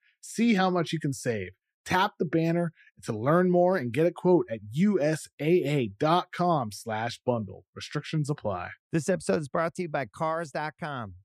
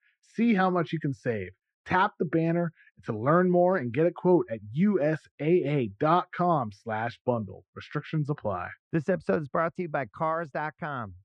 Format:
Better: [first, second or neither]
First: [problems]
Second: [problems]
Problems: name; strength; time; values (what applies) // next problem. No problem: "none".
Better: first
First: none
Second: muffled; very; fading above 2.5 kHz